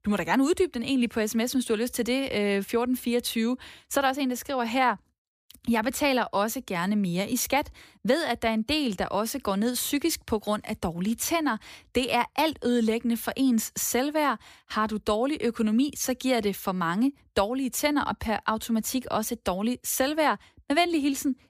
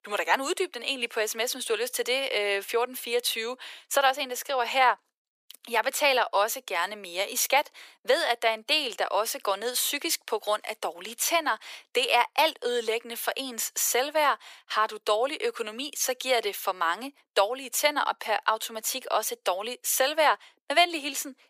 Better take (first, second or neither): first